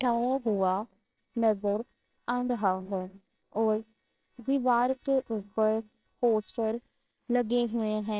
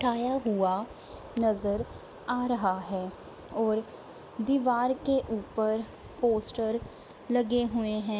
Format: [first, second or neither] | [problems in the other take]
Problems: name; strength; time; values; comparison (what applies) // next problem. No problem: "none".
second | noise reduction (neural separator model SepFormer WHAMR!)